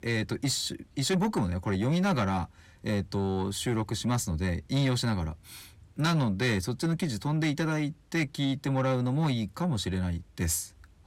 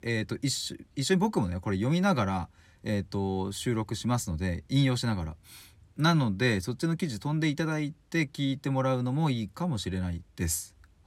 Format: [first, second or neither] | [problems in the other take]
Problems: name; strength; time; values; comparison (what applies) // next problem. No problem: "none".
second | distortion; slight; 10 dB below the speech